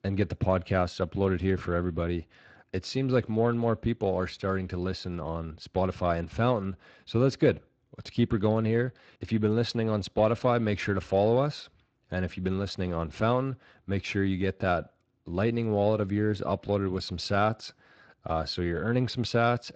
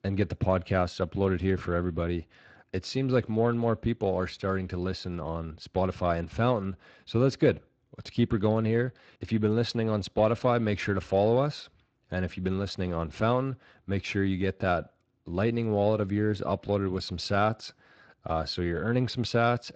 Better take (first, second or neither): neither